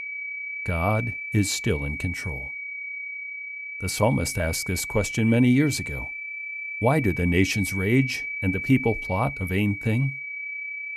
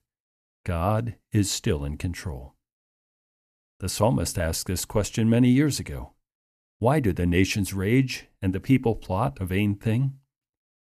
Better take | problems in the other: second | high-pitched whine; loud; throughout; 2.5 kHz, 6 dB below the speech

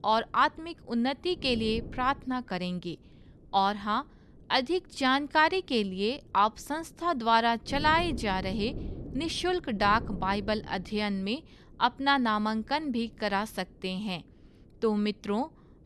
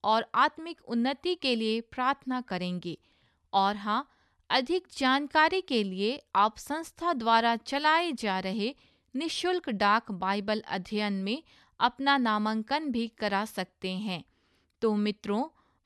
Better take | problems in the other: second | wind noise on the microphone; occasional gusts; 25 dB below the speech

